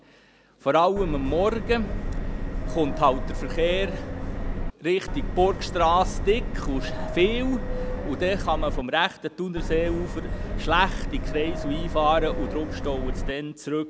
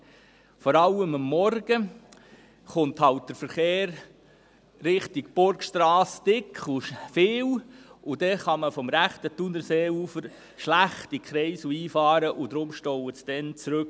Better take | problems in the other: second | background sound (Subway, metro, underground); 2 dB below the speech

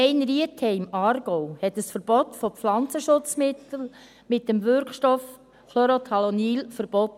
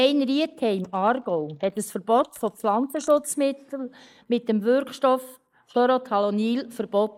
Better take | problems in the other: first | noise reduction (neural mask model Resemble Enhance denoiser)

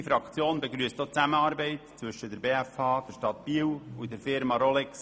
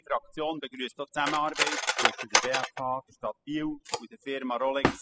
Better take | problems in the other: first | noise reduction (classical method spectral subtraction)

